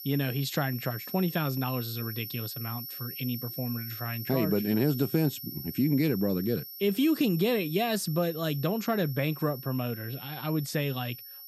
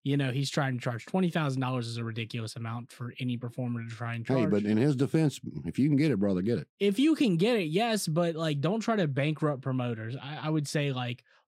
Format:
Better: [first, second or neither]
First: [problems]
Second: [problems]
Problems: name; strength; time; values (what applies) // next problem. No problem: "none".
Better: second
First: high-pitched whine; loud; throughout; 12 kHz, 9 dB below the speech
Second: none